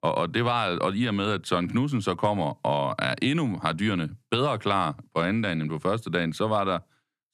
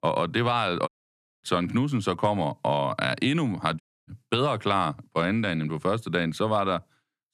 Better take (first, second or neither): first